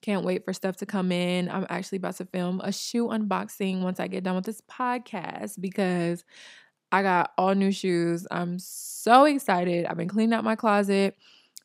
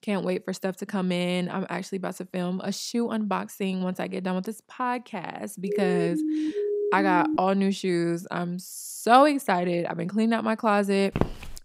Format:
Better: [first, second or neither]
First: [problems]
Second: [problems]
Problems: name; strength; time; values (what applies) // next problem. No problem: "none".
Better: first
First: none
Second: siren; noticeable; from 5.5 to 7.5 s; peak 1 dB below the speech // footsteps; noticeable; at 11 s; peak 3 dB below the speech